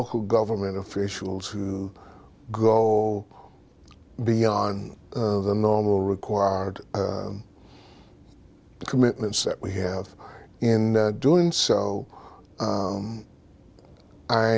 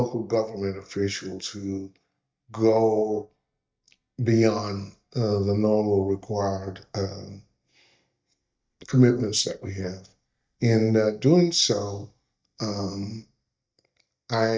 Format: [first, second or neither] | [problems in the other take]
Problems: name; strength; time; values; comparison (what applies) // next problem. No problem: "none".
first | noise reduction (neural mask model DeepFilterNet 3)